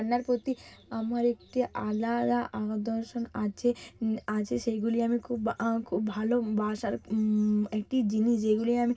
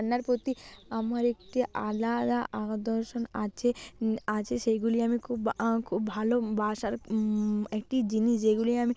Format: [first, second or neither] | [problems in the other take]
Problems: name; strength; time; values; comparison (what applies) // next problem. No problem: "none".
second | room echo; dies away in 0.4 s